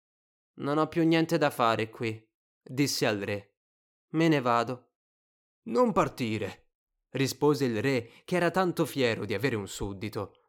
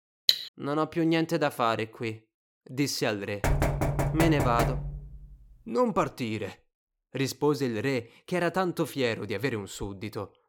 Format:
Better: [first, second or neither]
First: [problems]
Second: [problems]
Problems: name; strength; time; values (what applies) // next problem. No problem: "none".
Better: first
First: none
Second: clattering dishes; loud; at 0.5 s; peak 5 dB above the speech // door banging; loud; from 3.5 to 5 s; peak 2 dB above the speech